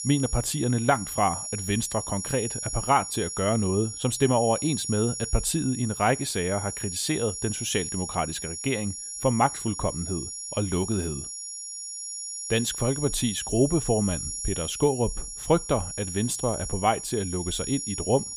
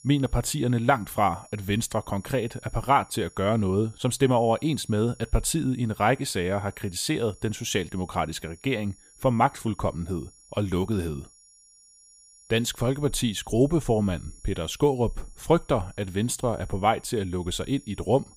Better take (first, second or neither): second